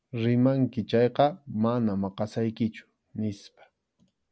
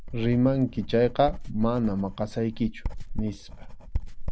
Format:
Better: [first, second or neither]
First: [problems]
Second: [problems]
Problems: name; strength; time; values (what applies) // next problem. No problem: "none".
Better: first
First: none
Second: background sound (Writing); 6 dB below the speech